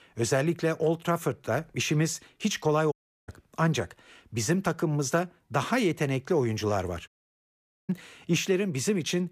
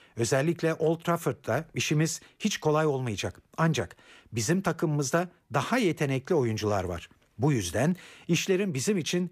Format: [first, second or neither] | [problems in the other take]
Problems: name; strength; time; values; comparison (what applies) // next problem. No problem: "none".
second | audio cutting out; at 3 s and at 7 s for 1 s